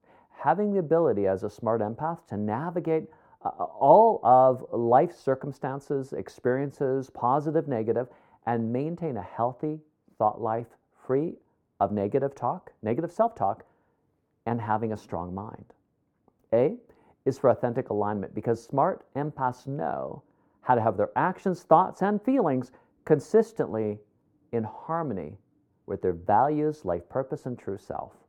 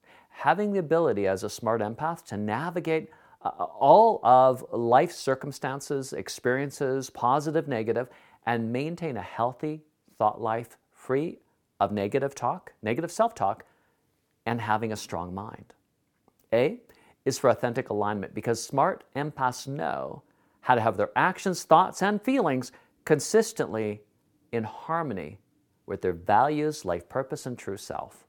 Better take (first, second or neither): second